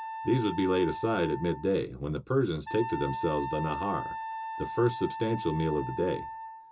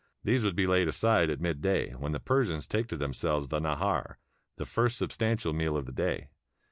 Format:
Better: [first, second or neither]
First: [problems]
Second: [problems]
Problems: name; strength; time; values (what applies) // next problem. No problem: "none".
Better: second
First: background sound (Wind instrument, woodwind instrument); 8 dB below the speech // room echo; dies away in 0.2 s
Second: none